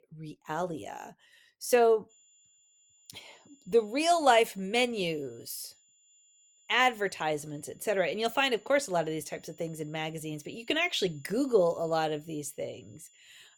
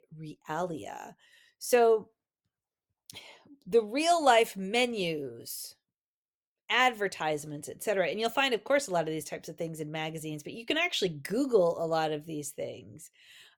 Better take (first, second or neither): second